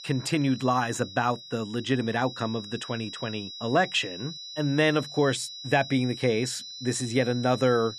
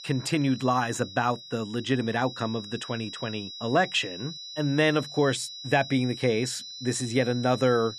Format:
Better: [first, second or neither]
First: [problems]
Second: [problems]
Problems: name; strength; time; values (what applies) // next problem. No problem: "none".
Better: neither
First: high-pitched whine; noticeable; throughout; 4 kHz, 10 dB below the speech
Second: high-pitched whine; noticeable; throughout; 4 kHz, 10 dB below the speech